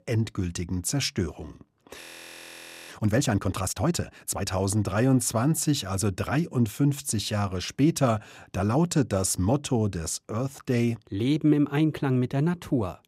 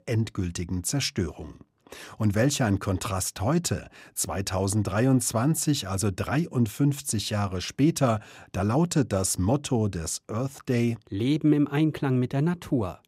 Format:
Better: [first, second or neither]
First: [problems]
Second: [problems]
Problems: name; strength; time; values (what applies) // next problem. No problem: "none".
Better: second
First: audio freezing; at 2 s for 1 s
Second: none